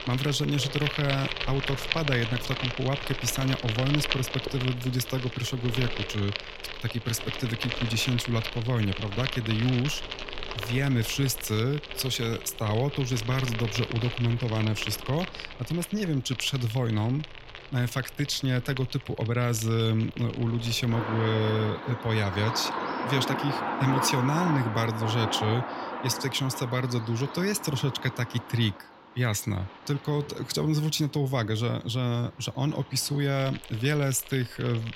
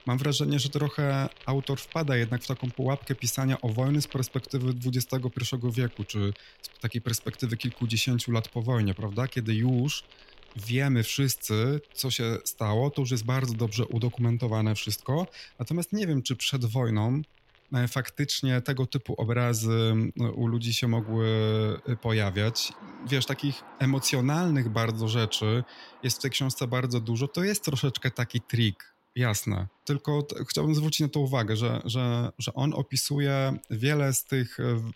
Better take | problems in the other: second | animal sounds; loud; throughout; 6 dB below the speech; faint in the second

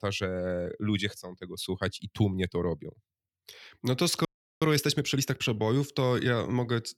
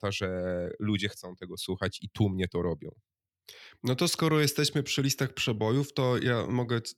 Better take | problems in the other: second | audio freezing; at 4.5 s

